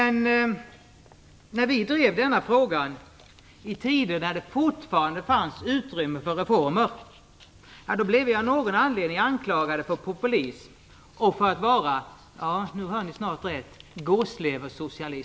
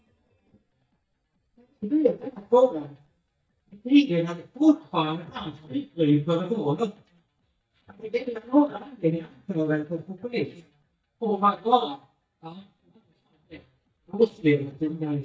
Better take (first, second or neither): first